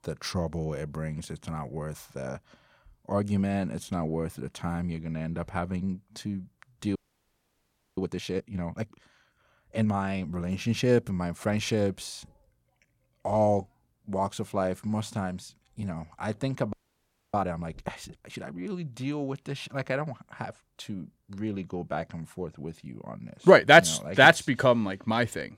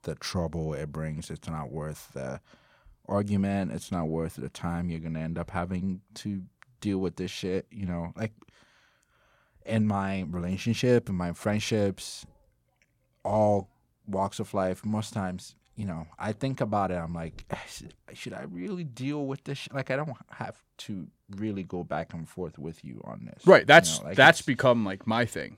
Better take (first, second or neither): second